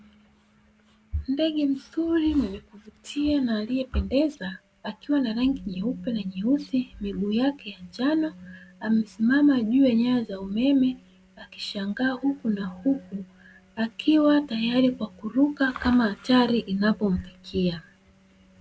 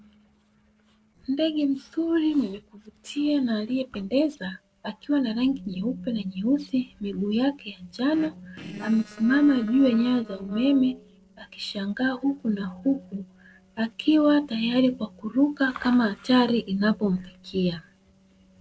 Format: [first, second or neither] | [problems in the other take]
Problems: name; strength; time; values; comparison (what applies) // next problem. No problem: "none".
first | noise reduction (neural separator model SepFormer DNS4)